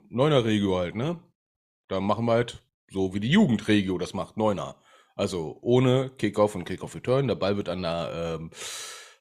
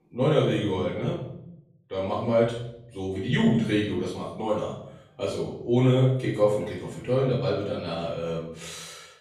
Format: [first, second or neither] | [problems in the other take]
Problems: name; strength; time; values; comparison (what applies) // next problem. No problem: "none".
first | off-mic speech; far // room echo; noticeable; dies away in 0.7 s